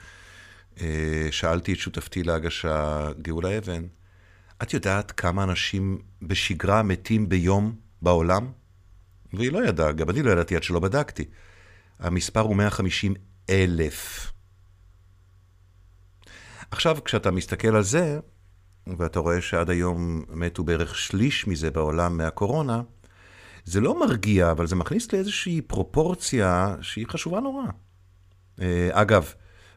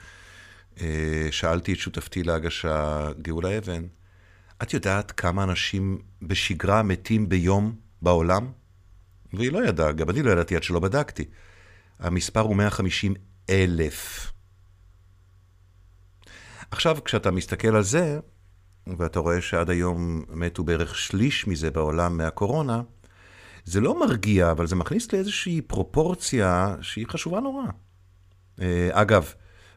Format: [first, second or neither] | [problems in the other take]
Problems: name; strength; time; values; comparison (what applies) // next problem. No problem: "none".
neither | none